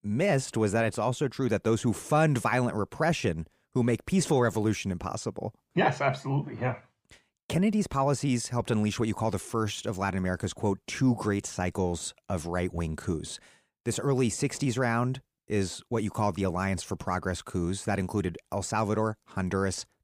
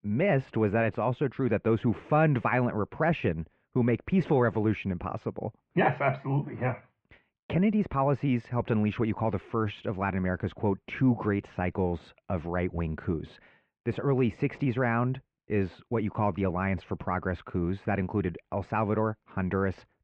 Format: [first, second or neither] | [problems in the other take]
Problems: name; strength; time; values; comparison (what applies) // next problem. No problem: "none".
first | muffled; very; fading above 2.5 kHz